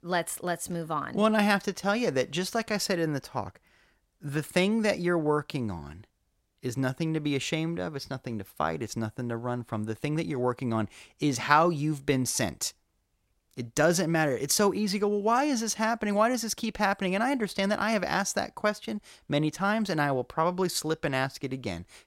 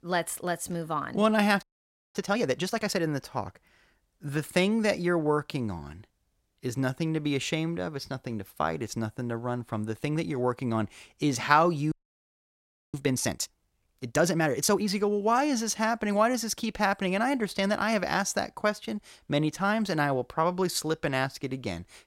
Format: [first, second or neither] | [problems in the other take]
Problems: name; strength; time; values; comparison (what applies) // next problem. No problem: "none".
first | audio freezing; at 1.5 s for 0.5 s and at 12 s for 1 s